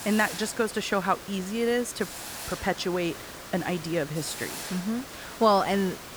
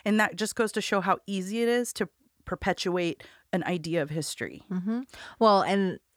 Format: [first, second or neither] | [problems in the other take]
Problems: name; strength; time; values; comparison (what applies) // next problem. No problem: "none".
second | hiss; noticeable; throughout; 10 dB below the speech